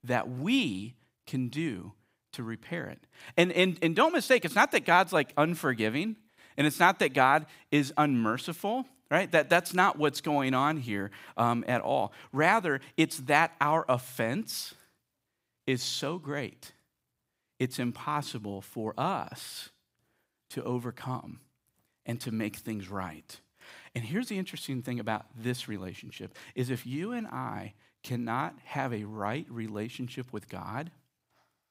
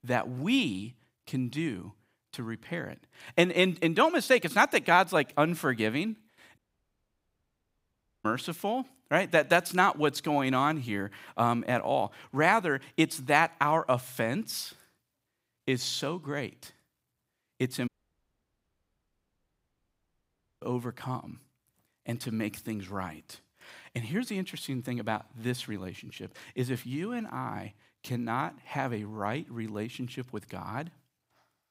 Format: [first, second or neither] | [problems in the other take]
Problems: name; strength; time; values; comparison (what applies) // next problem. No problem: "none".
first | audio cutting out; at 6.5 s for 1.5 s and at 18 s for 2.5 s